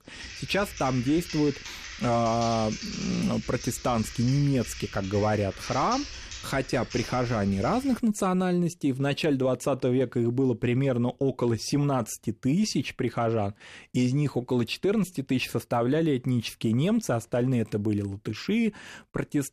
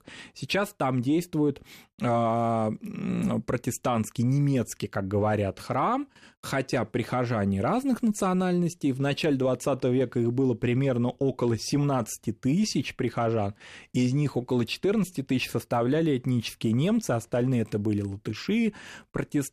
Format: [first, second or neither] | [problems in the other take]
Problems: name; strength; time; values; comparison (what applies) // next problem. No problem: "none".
second | keyboard typing; noticeable; until 8 s; peak 8 dB below the speech